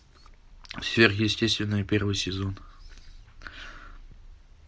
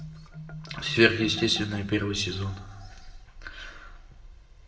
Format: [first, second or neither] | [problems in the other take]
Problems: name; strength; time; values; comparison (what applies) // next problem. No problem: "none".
first | background sound (Marimba, xylophone); 14 dB below the speech // room echo; dies away in 0.7 s